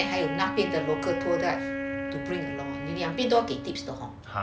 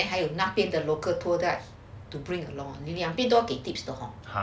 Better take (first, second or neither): second